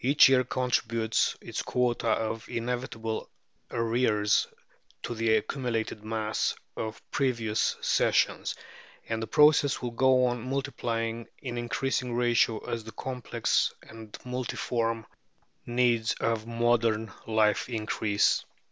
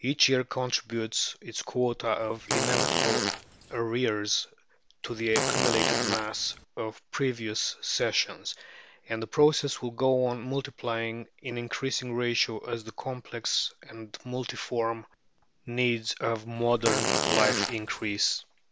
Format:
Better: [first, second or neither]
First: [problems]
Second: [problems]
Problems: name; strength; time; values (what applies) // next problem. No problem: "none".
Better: first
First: none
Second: background sound (Fart); 1 dB above the speech